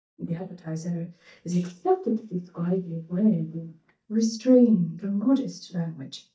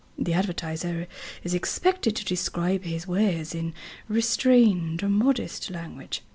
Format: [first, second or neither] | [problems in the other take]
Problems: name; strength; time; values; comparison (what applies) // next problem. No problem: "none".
second | noise reduction (neural mask model DeepFilterNet 3)